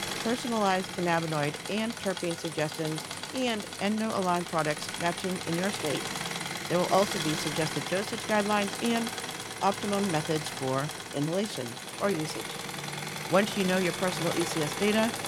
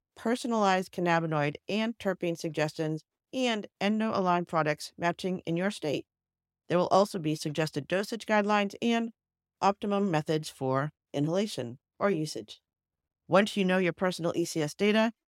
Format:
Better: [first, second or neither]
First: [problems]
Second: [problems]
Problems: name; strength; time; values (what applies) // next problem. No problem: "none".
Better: second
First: machinery noise; loud; throughout; 4 dB below the speech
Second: none